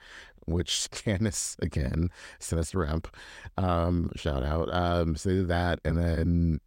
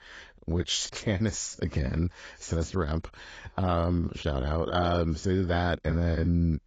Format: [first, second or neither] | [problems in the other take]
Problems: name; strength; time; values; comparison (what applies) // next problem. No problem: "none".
first | garbled, watery; badly; nothing above 7.5 kHz